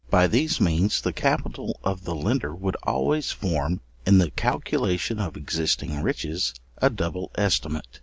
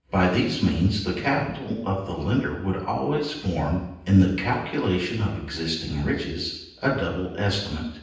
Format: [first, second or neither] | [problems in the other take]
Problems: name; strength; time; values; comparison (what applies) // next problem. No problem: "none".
first | room echo; dies away in 0.9 s